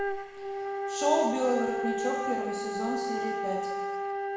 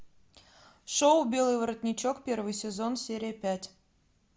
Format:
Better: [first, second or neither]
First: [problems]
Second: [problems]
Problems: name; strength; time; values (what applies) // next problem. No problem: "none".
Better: second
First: background sound (Wind instrument, woodwind instrument); as loud as the speech // room echo; dies away in 1.1 s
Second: none